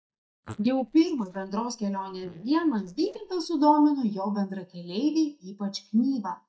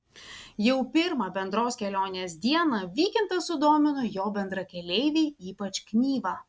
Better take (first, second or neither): second